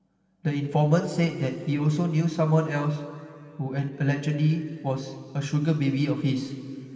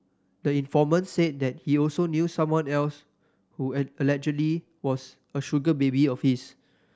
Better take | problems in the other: second | room echo; dies away in 2.3 s

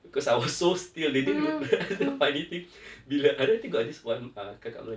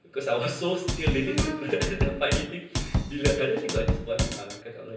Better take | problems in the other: first | background sound (Drum / Drum kit); 1 dB above the speech // room echo; dies away in 0.9 s

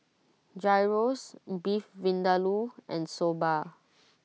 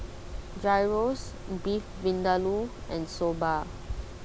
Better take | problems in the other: first | background sound (Mechanisms); 9 dB below the speech

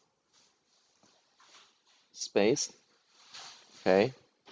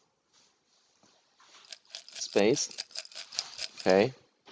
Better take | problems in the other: first | background sound (Rattle / Glass); 11 dB below the speech

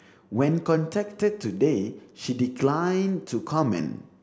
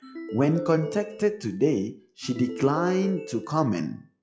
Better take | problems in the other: first | noise reduction (classical method log-MMSE)

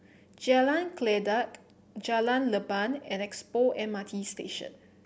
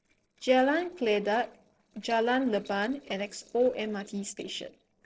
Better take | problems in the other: first | noise reduction (neural separator model SepFormer DNS4)

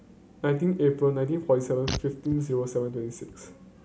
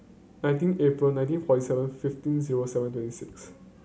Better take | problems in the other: second | background sound (Fart); 11 dB below the speech

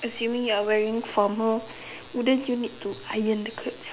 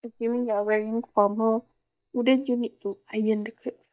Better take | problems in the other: first | noise reduction (neural mask model DeepFilterNet 3)

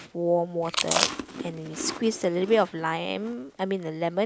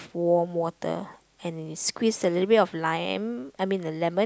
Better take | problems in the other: second | background sound (Chewing, mastication); 5 dB below the speech

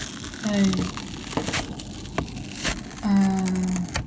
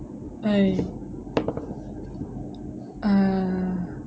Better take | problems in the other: second | background sound (Tearing); 8 dB below the speech // room echo; dies away in 1.4 s

